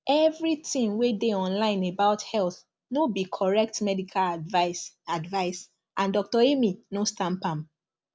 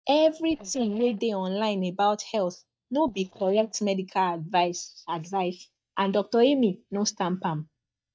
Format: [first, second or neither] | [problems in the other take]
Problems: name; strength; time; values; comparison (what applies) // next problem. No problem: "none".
first | noise reduction (neural mask model DeepFilterNet 3)